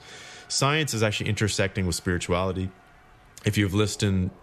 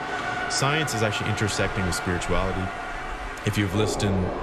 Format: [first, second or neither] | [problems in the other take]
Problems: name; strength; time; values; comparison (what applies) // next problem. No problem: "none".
first | train or aircraft noise; loud; throughout; 4 dB below the speech; faint in the first